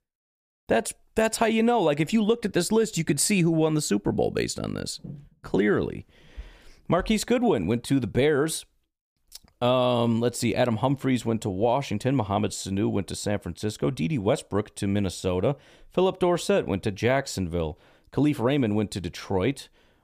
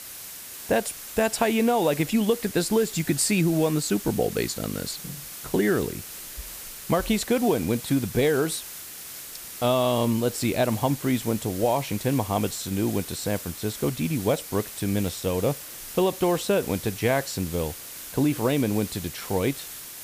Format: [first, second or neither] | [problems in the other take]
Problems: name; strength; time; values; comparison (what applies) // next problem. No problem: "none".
first | hiss; noticeable; throughout; 10 dB below the speech